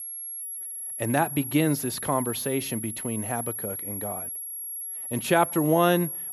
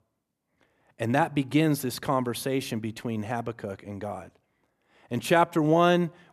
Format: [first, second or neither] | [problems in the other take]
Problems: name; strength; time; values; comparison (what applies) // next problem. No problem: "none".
second | high-pitched whine; loud; throughout; 11.5 kHz, 6 dB below the speech